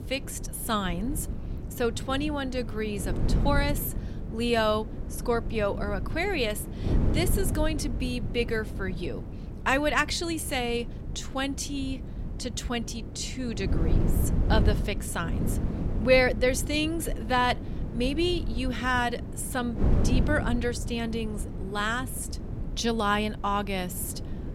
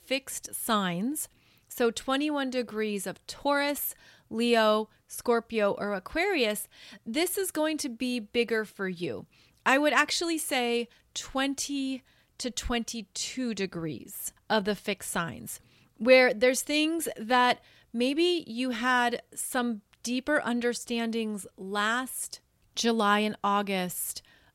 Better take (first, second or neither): second